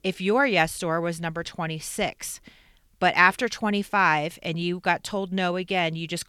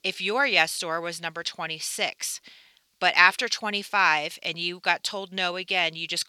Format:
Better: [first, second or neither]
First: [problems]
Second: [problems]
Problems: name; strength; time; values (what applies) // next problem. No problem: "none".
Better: first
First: none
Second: thin; somewhat; fading below 750 Hz